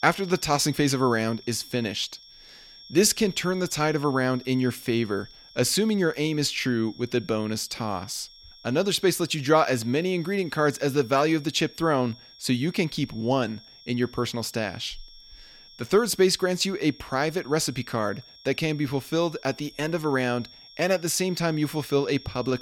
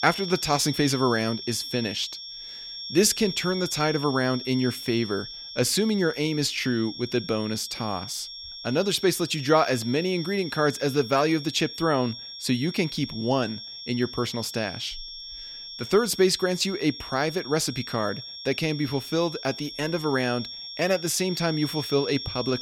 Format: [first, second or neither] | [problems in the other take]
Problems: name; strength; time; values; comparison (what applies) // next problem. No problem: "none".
first | high-pitched whine; loud; throughout; 5.5 kHz, 9 dB below the speech; faint in the first